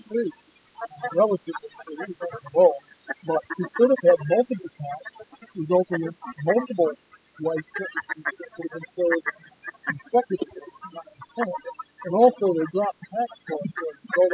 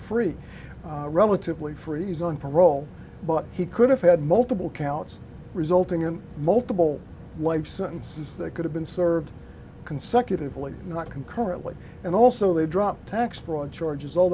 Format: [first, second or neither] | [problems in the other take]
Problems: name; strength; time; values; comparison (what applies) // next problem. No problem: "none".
second | noise reduction (classical method spectral subtraction)